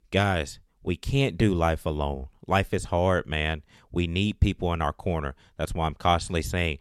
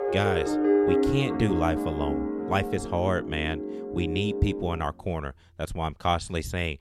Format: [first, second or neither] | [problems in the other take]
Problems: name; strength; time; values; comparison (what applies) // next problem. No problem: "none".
first | background music; very loud; throughout; 1 dB above the speech